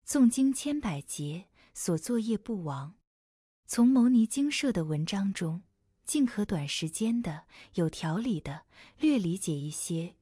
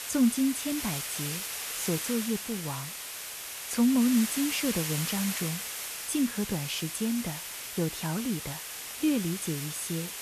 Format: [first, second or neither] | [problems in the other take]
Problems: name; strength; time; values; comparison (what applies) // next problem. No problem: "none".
first | hiss; loud; throughout; 4 dB below the speech